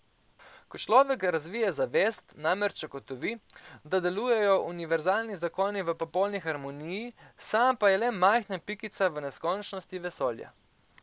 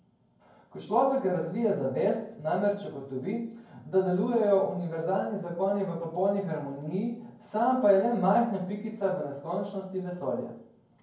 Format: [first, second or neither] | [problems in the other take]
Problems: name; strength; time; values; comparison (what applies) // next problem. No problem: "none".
first | room echo; dies away in 0.9 s